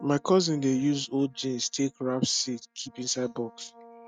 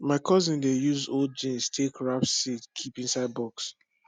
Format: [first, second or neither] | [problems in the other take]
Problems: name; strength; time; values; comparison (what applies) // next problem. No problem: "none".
second | noise reduction (neural mask model RNNoise)